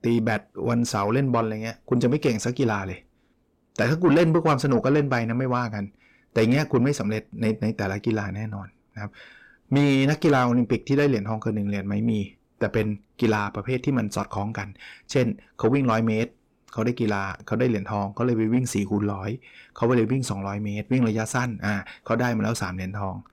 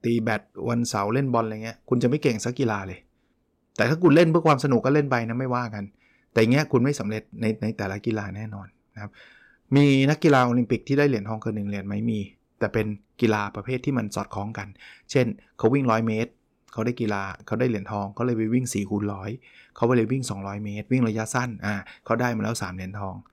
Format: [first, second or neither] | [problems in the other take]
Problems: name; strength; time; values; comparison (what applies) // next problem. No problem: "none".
second | distortion; slight; 10 dB below the speech